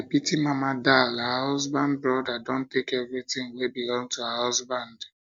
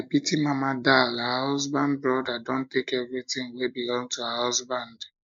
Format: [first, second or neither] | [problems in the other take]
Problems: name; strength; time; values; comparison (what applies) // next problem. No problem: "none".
first | noise reduction (neural mask model Resemble Enhance denoiser)